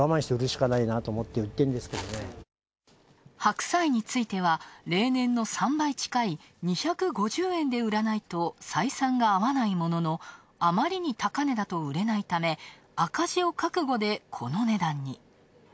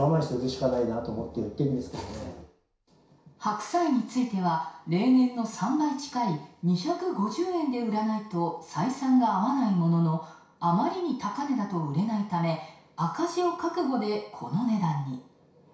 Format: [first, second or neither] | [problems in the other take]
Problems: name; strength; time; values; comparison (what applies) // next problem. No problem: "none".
first | room echo; dies away in 0.6 s